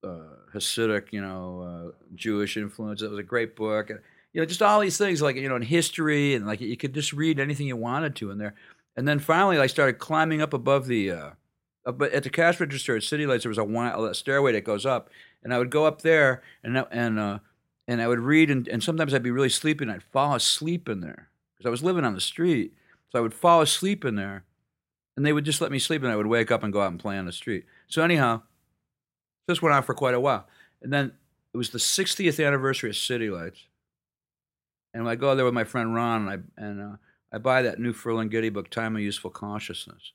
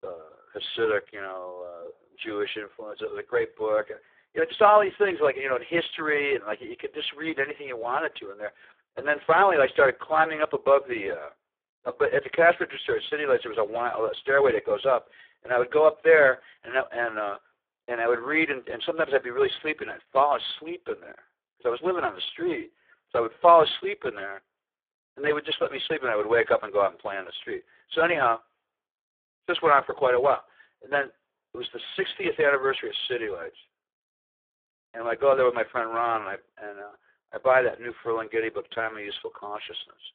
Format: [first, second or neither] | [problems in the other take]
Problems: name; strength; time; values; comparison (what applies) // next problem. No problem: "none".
first | phone-call audio; poor line; nothing above 3.5 kHz